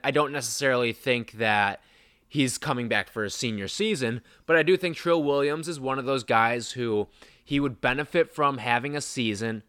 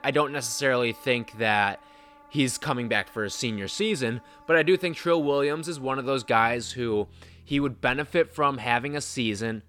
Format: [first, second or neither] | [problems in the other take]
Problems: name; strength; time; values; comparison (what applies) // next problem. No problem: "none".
first | background music; faint; throughout; 25 dB below the speech